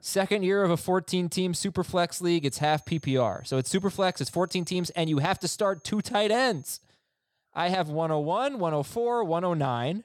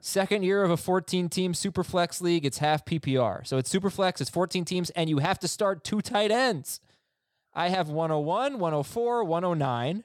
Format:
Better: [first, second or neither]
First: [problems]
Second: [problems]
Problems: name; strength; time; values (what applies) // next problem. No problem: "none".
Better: second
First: high-pitched whine; faint; from 2.5 to 7 s; 6.5 kHz, 30 dB below the speech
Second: none